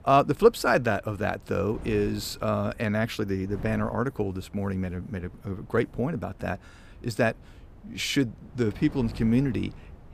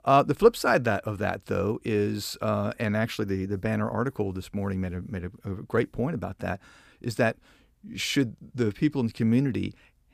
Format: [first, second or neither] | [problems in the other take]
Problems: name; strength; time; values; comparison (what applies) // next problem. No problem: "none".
second | wind noise on the microphone; occasional gusts; 25 dB below the speech